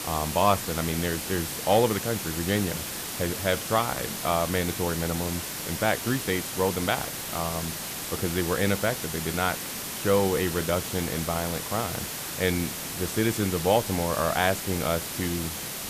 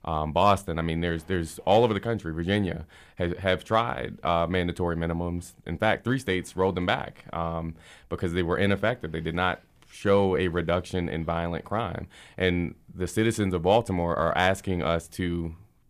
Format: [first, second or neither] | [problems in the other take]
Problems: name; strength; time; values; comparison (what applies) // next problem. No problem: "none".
second | hiss; loud; throughout; 4 dB below the speech